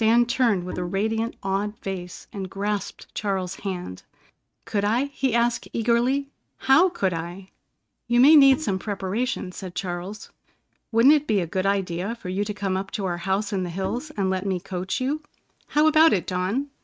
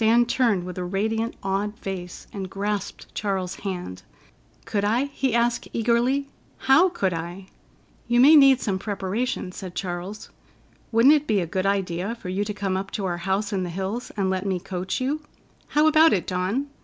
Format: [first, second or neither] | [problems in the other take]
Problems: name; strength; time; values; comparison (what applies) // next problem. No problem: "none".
second | noise reduction (neural mask model RNNoise)